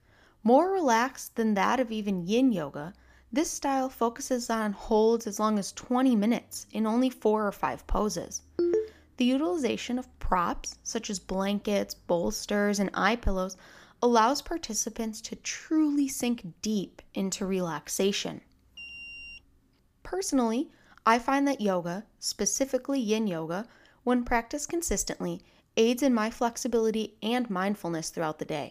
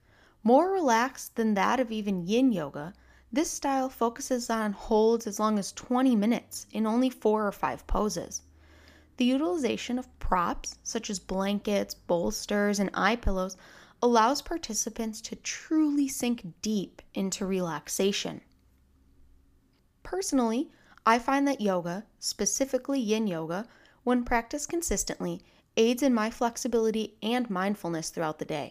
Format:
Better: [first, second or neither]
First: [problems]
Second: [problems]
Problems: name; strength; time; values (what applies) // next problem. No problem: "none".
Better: second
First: phone ringing; loud; at 8.5 s; peak 1 dB above the speech // alarm; faint; at 19 s; peak 10 dB below the speech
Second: none